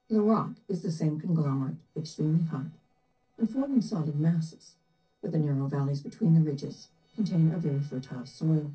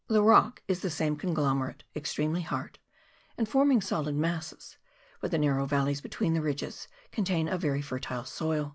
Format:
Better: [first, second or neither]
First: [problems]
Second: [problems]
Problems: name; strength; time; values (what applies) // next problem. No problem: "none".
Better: second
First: noise reduction (neural separator model SepFormer DNS4)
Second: none